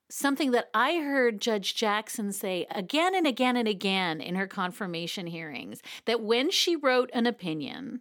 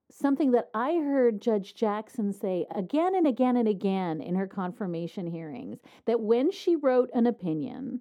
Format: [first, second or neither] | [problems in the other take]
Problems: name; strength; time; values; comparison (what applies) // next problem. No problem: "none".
first | muffled; very; fading above 1 kHz